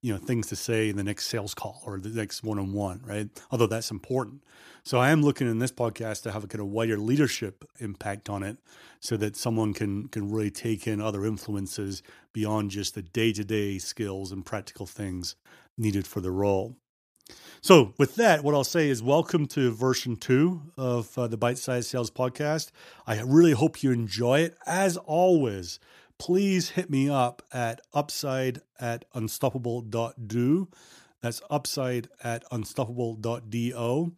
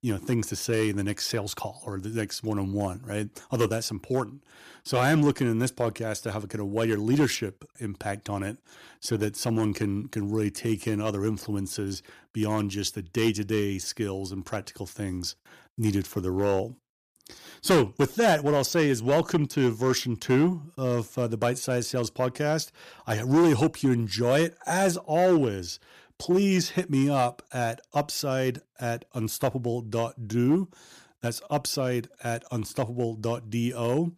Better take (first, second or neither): first